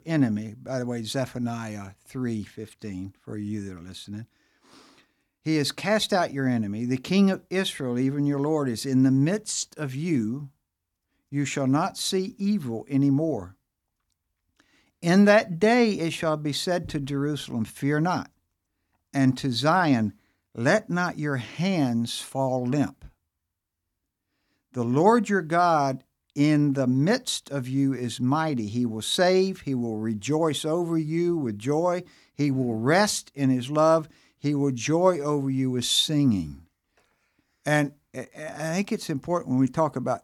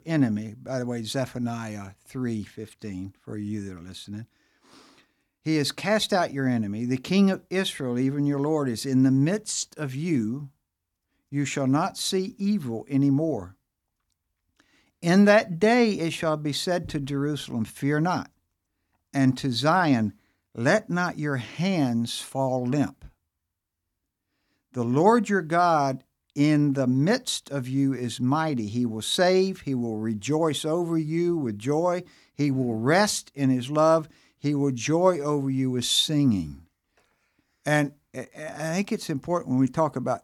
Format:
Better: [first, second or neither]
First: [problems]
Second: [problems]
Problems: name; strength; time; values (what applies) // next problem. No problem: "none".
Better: neither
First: none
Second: none